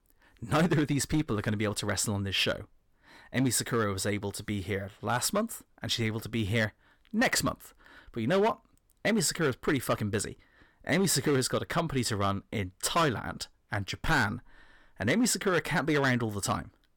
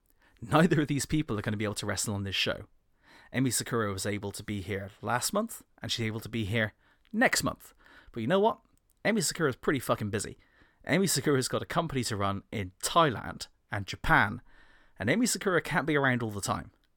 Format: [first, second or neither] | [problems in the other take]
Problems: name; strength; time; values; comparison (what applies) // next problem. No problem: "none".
second | distortion; slight; 5% of the sound clipped